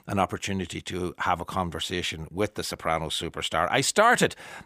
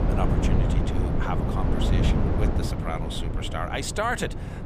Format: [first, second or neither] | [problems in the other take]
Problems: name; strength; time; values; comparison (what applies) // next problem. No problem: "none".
first | wind noise on the microphone; heavy; 2 dB below the speech